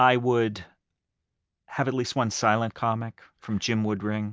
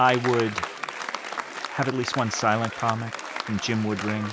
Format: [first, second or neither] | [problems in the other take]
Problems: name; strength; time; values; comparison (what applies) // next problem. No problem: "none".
first | background sound (Applause); 7 dB below the speech